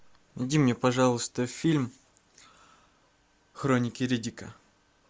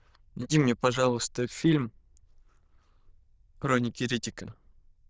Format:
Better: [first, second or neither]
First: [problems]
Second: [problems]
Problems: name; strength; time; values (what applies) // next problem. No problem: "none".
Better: first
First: none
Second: noise reduction (neural diffusion model UNIVERSE++)